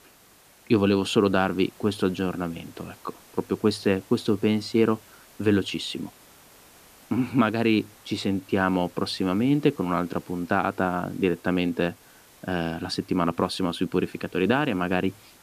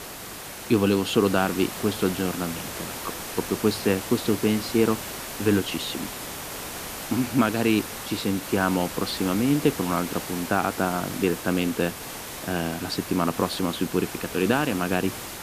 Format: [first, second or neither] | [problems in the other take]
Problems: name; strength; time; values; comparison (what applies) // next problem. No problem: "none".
first | hiss; loud; throughout; 8 dB below the speech; faint in the first